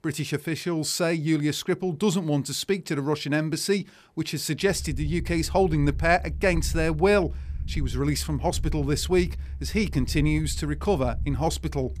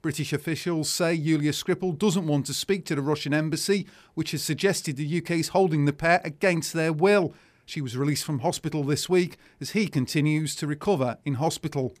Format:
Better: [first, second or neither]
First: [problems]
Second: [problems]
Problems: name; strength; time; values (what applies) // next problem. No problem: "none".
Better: second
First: low rumble; faint; from 4.5 s on; 25 dB below the speech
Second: none